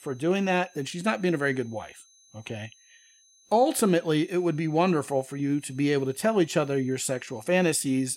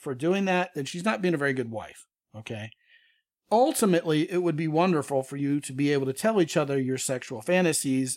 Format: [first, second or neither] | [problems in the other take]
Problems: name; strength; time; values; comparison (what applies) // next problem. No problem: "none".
second | high-pitched whine; faint; throughout; 6.5 kHz, 30 dB below the speech